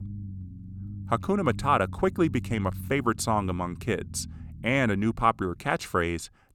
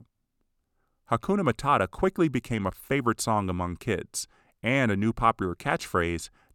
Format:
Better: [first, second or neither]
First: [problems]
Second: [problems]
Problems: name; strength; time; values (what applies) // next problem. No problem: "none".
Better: second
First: low rumble; faint; throughout; 25 dB below the speech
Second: none